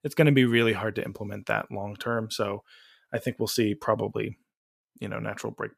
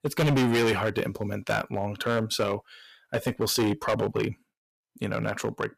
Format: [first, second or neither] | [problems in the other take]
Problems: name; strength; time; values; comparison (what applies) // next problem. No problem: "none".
first | distortion; heavy; 10% of the sound clipped